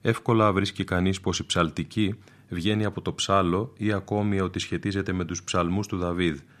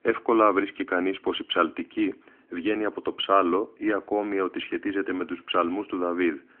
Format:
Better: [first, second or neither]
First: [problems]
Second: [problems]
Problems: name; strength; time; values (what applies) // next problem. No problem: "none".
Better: first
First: none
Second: phone-call audio; nothing above 3 kHz